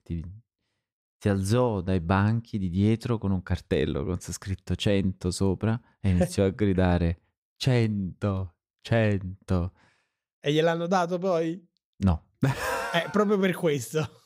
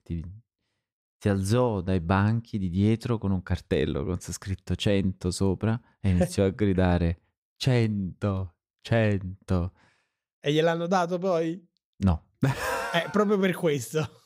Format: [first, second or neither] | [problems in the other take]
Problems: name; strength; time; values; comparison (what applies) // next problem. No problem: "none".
neither | none